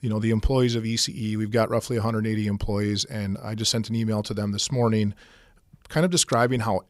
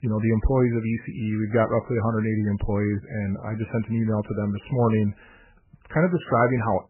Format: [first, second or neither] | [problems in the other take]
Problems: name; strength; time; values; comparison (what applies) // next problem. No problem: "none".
first | garbled, watery; badly; nothing above 3 kHz